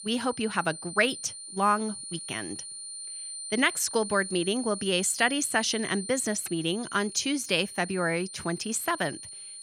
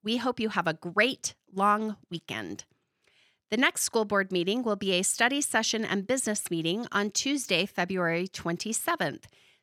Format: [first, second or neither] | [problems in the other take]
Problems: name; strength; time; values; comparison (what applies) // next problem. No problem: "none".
second | high-pitched whine; loud; throughout; 9 kHz, 10 dB below the speech